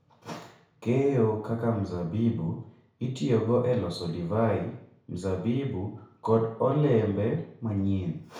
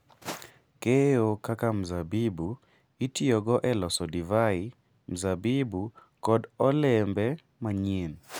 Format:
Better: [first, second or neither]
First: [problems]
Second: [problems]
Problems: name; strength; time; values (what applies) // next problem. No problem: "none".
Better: second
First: room echo; dies away in 0.6 s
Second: none